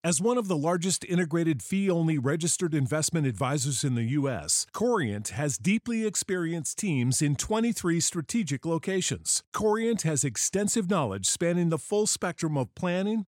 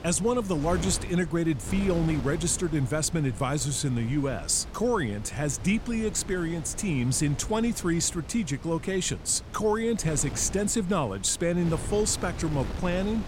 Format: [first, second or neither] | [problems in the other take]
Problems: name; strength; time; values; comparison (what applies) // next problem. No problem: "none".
first | wind noise on the microphone; occasional gusts; 15 dB below the speech